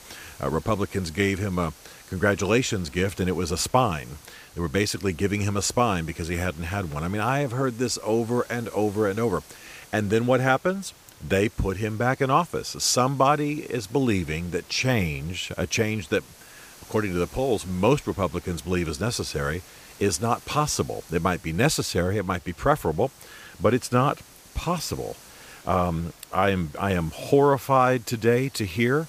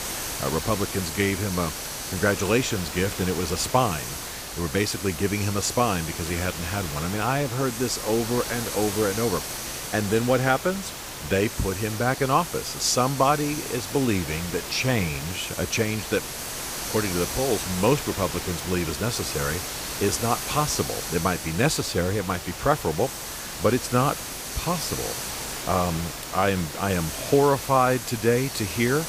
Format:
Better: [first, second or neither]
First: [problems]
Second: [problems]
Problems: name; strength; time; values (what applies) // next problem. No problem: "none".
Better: first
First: hiss; faint; throughout; 20 dB below the speech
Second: hiss; loud; throughout; 6 dB below the speech